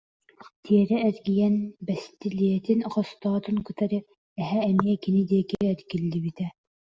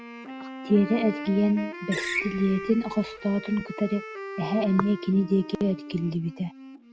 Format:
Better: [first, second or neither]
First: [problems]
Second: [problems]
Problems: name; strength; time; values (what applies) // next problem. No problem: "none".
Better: first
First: none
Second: background sound (Wind instrument, woodwind instrument + Screech); 10 dB below the speech